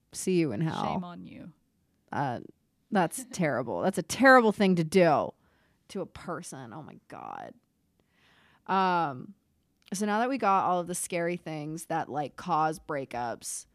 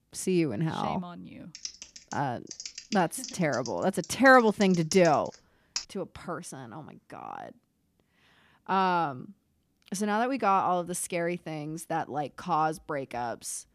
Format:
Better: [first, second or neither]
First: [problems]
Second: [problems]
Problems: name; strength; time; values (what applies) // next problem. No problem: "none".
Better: first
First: none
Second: keyboard typing; noticeable; from 1.5 to 6 s; peak 8 dB below the speech